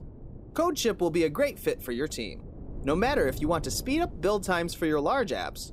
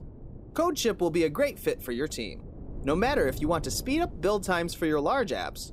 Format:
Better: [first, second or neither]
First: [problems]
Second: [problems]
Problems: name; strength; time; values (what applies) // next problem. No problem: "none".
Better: neither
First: wind noise on the microphone; occasional gusts; 25 dB below the speech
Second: wind noise on the microphone; occasional gusts; 25 dB below the speech